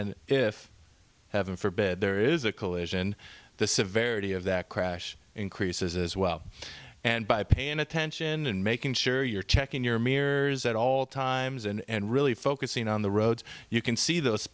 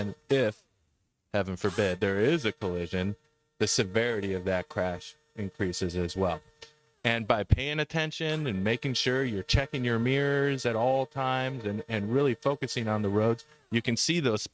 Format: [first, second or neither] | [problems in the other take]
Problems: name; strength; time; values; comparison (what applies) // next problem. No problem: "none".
first | noise reduction (neural mask model RNNoise)